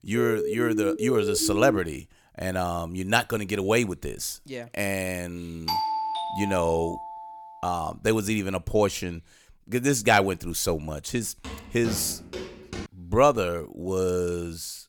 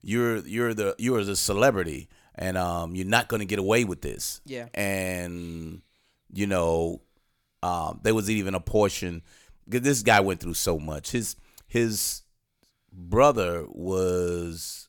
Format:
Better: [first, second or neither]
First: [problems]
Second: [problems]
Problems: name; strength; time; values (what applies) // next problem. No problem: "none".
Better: second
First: siren; noticeable; until 2 s; peak 2 dB below the speech // doorbell; noticeable; from 5.5 to 7.5 s; peak level with the speech // footsteps; noticeable; from 11 to 13 s; peak 9 dB below the speech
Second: none